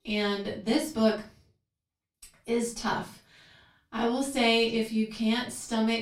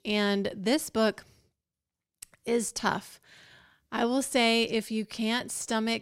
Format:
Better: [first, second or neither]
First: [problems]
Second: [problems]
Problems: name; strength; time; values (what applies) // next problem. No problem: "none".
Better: second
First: off-mic speech; far // room echo; slight; dies away in 0.3 s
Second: none